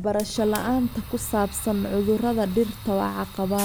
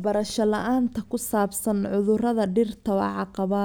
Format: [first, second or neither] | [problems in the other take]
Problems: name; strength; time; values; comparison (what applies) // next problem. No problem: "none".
second | background sound (Bus + Fire); 13 dB below the speech